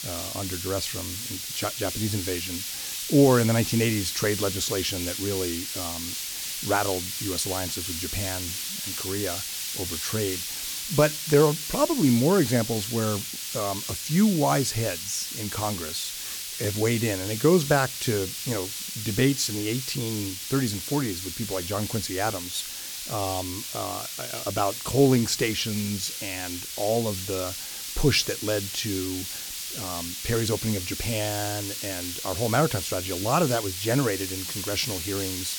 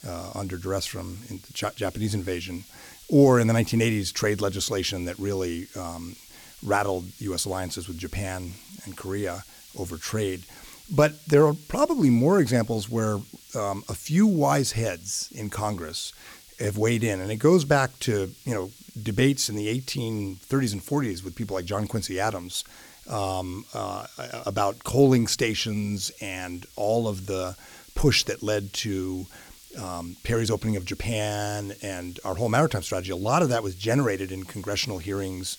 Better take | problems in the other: second | hiss; loud; throughout; 4 dB below the speech; faint in the second

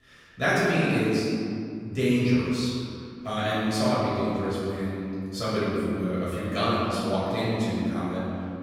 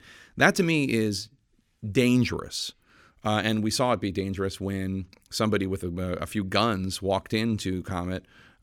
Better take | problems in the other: second | off-mic speech; far // room echo; strong; dies away in 2.2 s

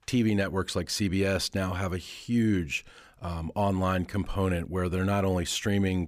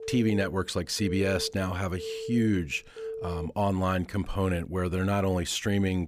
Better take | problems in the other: first | phone ringing; noticeable; until 3.5 s; peak 8 dB below the speech

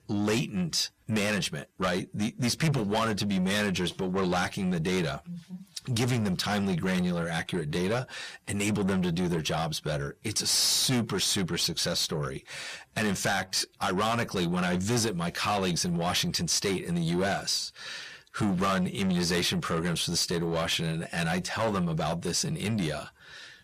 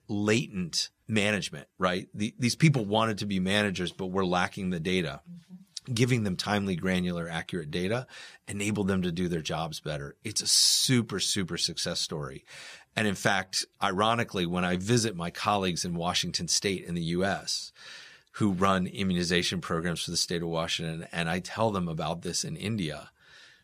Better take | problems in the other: second | distortion; heavy; 6 dB below the speech

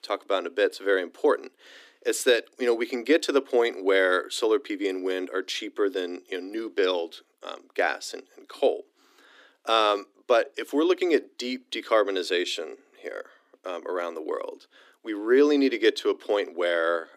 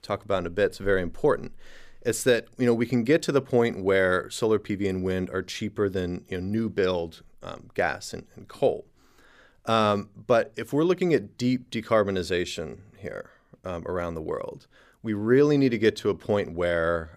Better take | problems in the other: second | thin; very slightly; fading below 250 Hz

